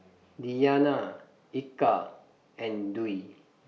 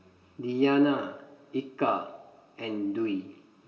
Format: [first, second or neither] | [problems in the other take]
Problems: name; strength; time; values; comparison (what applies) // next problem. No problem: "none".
first | room echo; dies away in 0.5 s